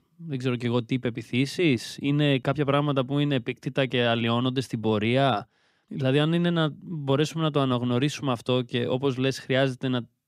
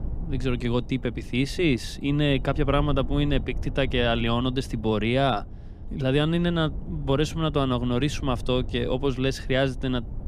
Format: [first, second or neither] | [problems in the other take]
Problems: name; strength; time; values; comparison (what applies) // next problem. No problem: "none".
first | low rumble; faint; throughout; 20 dB below the speech